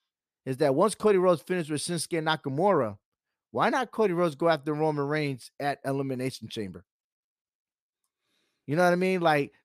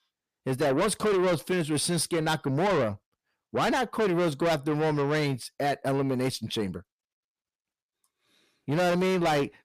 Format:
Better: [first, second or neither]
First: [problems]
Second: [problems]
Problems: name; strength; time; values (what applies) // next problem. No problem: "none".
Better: first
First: none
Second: distortion; heavy; 6 dB below the speech